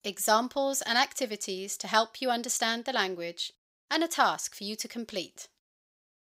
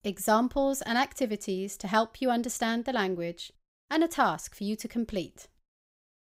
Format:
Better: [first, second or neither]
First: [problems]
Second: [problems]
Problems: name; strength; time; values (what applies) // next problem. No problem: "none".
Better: second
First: thin; very slightly; fading below 650 Hz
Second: none